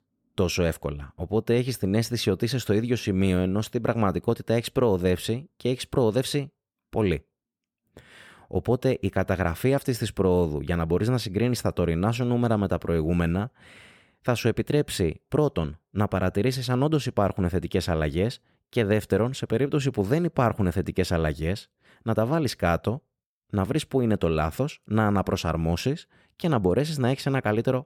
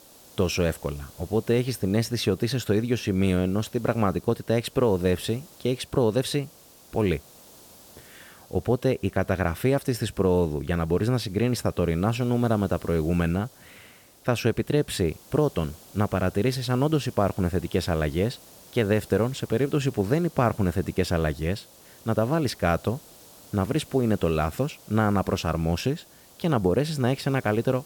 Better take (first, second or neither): first